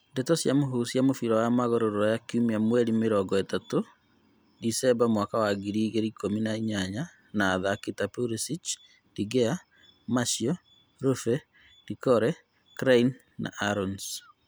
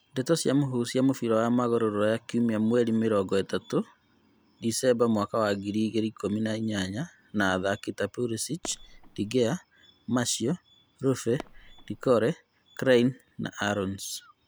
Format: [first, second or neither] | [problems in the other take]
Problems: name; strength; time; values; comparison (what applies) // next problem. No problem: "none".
first | background sound (Fireworks); 19 dB below the speech